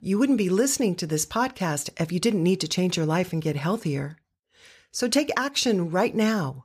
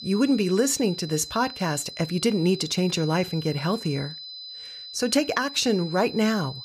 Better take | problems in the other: first | high-pitched whine; noticeable; throughout; 4 kHz, 10 dB below the speech

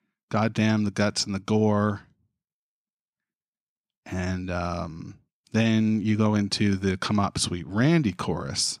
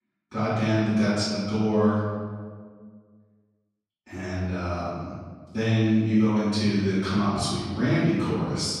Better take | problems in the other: first | room echo; strong; dies away in 1.4 s // off-mic speech; far

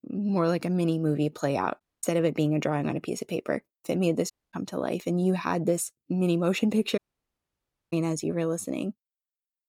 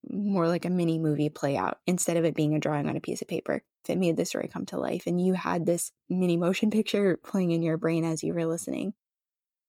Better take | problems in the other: second | audio cutting out; at 2 s, at 4.5 s and at 7 s for 1 s

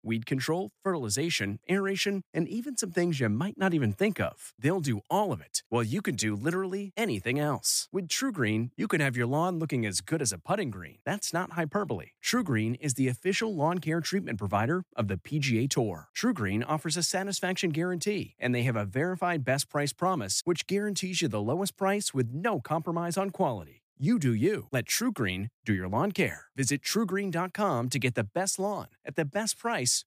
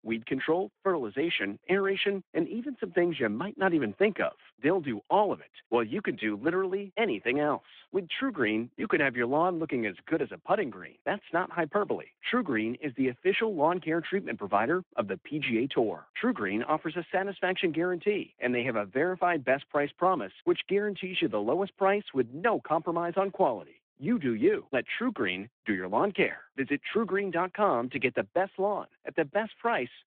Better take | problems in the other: first | phone-call audio

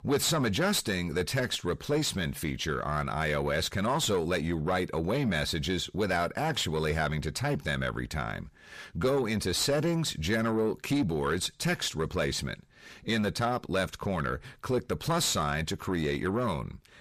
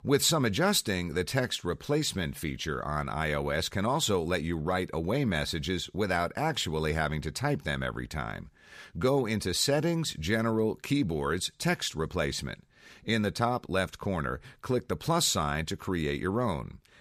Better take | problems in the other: second | distortion; slight; 9 dB below the speech

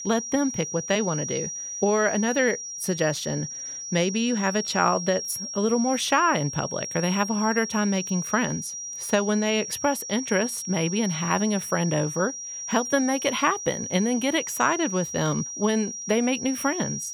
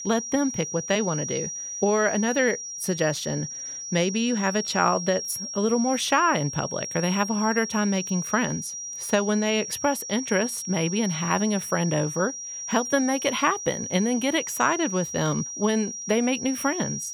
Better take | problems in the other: neither | high-pitched whine; loud; throughout; 5.5 kHz, 6 dB below the speech; the same in both

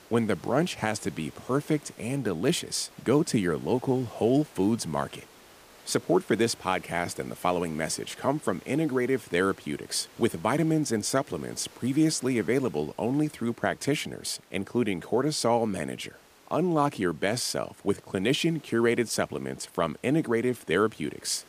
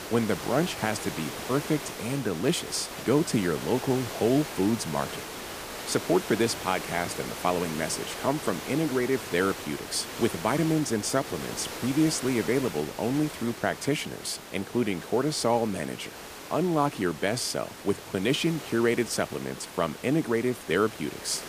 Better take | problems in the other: first | hiss; loud; throughout; 10 dB below the speech; faint in the first

